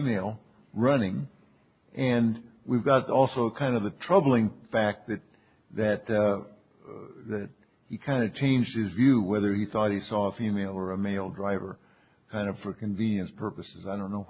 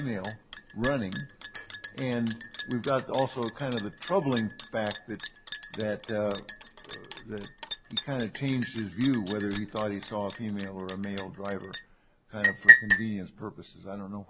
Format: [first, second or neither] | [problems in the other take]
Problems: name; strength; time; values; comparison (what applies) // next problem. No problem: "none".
first | background sound (Liquid); as loud as the speech